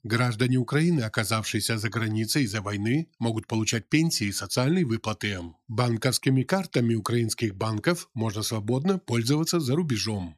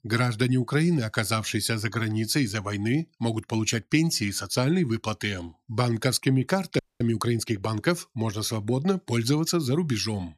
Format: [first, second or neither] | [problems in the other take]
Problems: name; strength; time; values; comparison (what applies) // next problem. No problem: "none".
first | audio freezing; at 7 s